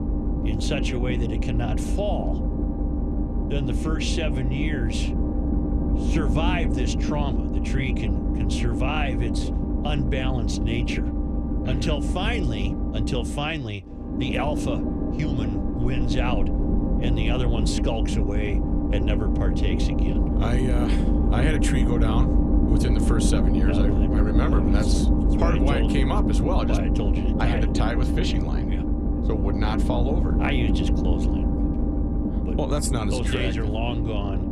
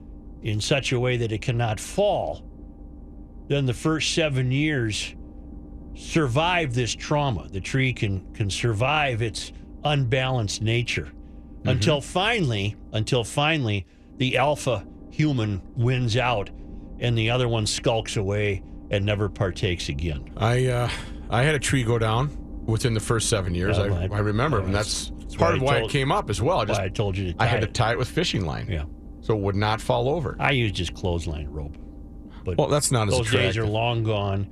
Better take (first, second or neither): second